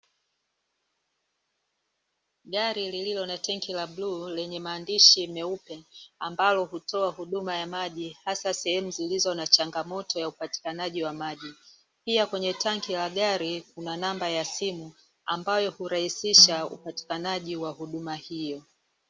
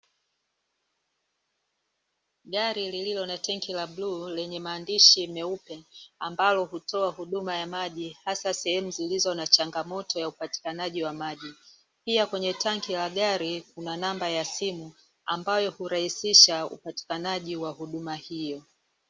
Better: second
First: background sound (Drum); 19 dB below the speech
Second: none

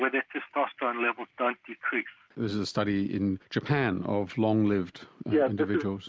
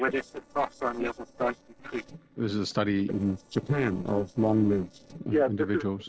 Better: first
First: none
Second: noise reduction (neural separator model SepFormer DNS4)

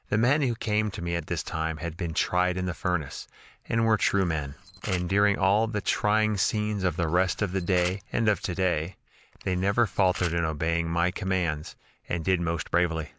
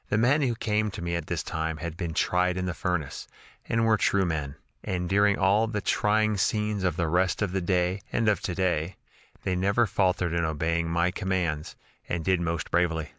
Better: second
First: background sound (Camera); 15 dB below the speech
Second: none

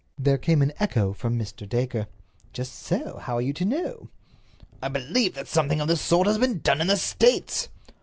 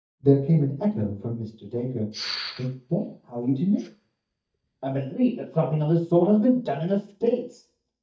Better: first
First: none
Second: noise reduction (neural mask model DeepFilterNet 3)

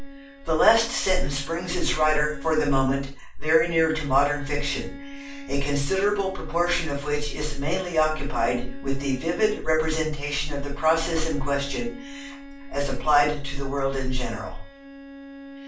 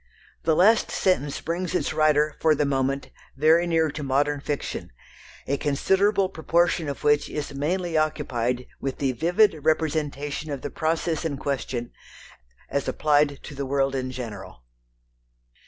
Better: second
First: background sound (Bowed string instrument); 18 dB below the speech // room echo; dies away in 0.3 s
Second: none

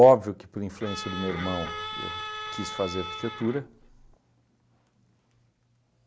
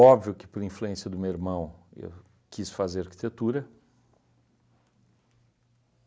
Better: second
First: background sound (Bowed string instrument); 9 dB below the speech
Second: none

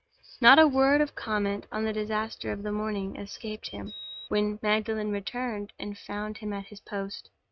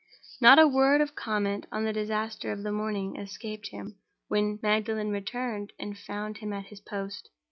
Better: second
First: noise reduction (neural mask model RNNoise)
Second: none

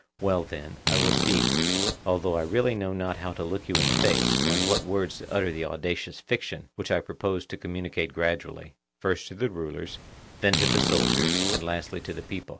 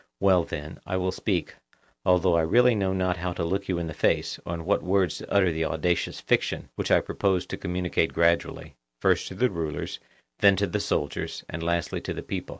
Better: second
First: background sound (Fart); 2 dB above the speech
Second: none

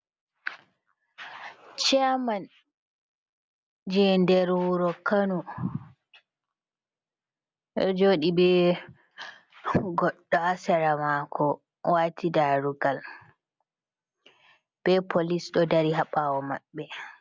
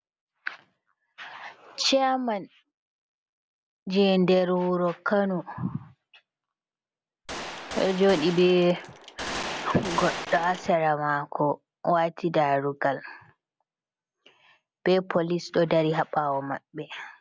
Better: first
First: none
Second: background sound (Gunshot, gunfire); 8 dB below the speech

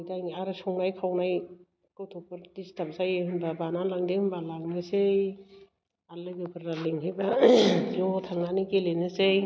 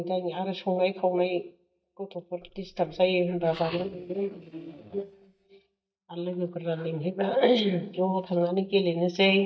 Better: first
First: none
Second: noise reduction (neural mask model DeepFilterNet 3)

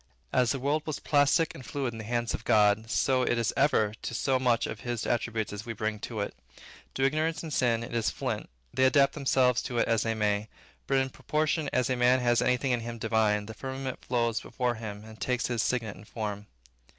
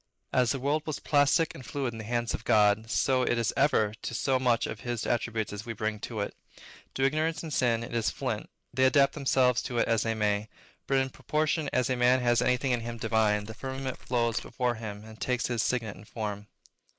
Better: first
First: none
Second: noise reduction (neural mask model Resemble Enhance denoiser)

